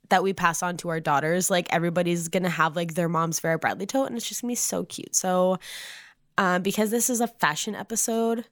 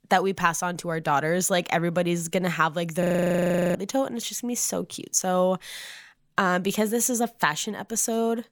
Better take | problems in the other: first | audio freezing; at 3 s for 0.5 s

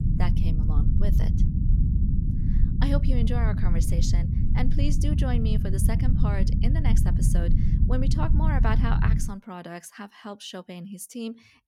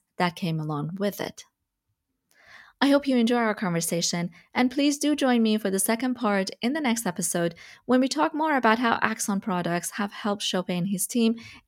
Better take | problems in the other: second | low rumble; loud; until 9 s; 2 dB below the speech

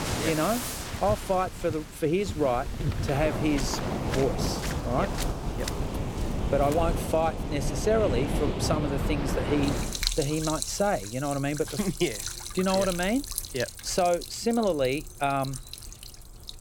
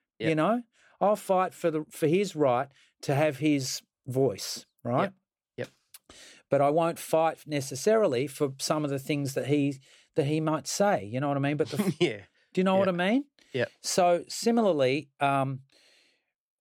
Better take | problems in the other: second | rain or running water; loud; throughout; 4 dB below the speech

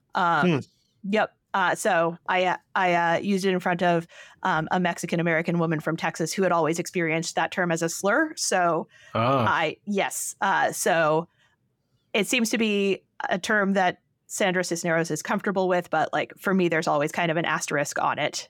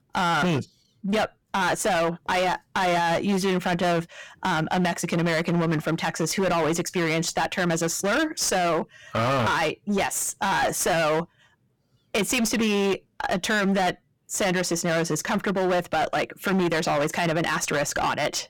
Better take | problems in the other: first | distortion; heavy; 24% of the sound clipped

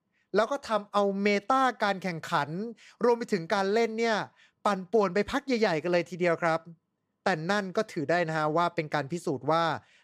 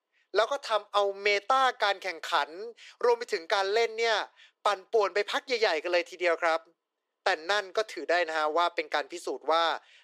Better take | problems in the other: first | thin; very; fading below 400 Hz

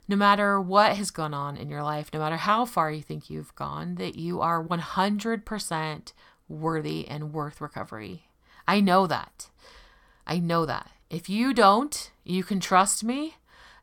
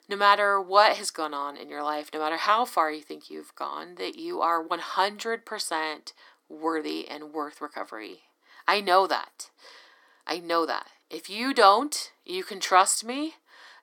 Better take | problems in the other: first | thin; somewhat; fading below 300 Hz

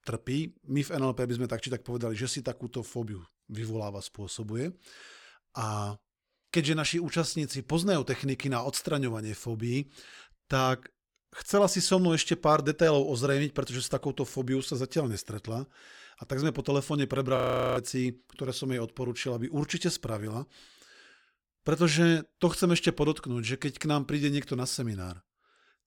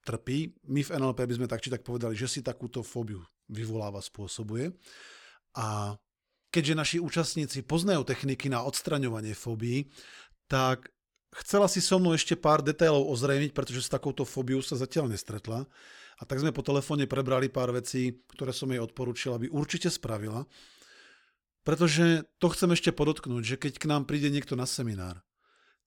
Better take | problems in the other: second | audio freezing; at 17 s

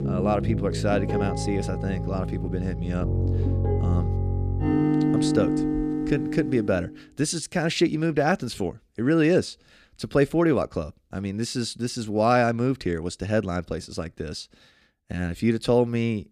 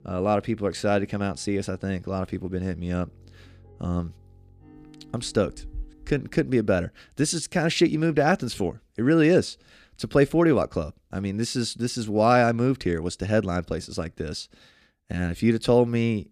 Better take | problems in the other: second | background music; loud; until 6.5 s; 1 dB below the speech; faint in the second

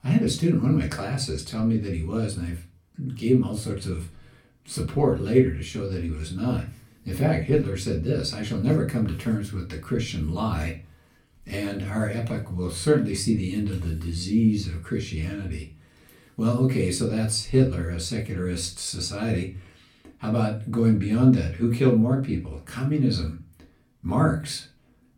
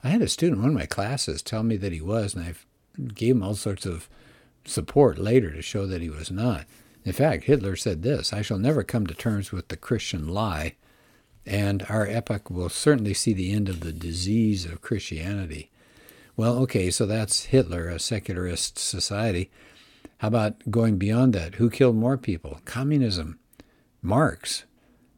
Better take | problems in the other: second | off-mic speech; far // room echo; very slight; dies away in 0.3 s

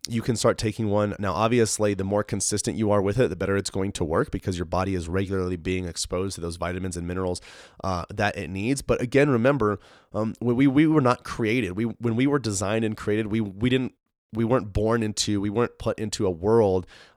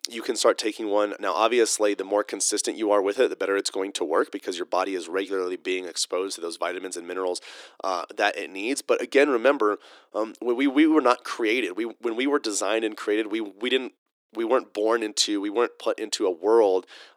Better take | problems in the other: first | thin; somewhat; fading below 300 Hz

